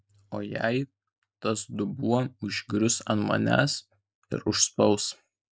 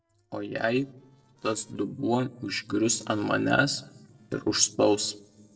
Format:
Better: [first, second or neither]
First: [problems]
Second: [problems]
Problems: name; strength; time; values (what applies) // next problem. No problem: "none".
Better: first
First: none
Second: noise reduction (neural separator model SepFormer DNS4)